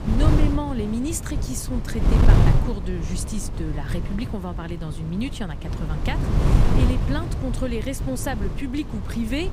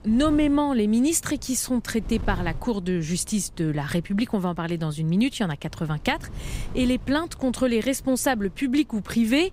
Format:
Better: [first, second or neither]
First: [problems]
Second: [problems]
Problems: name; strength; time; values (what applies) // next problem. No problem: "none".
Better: second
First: wind noise on the microphone; heavy; 2 dB below the speech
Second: wind noise on the microphone; occasional gusts; 25 dB below the speech